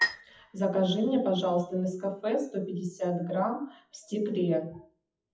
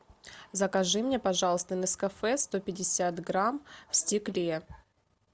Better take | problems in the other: second | noise reduction (classical method WPE with log-MMSE)

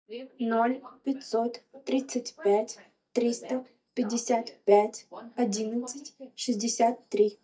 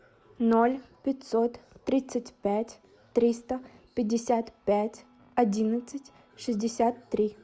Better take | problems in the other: second | noise reduction (neural mask model DeepFilterNet 3)

